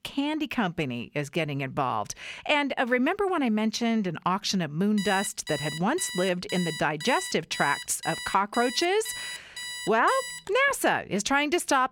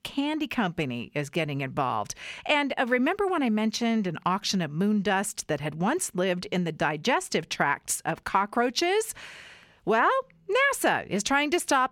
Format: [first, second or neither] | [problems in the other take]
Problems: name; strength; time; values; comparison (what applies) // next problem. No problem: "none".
second | alarm; noticeable; from 5 to 11 s; peak 8 dB below the speech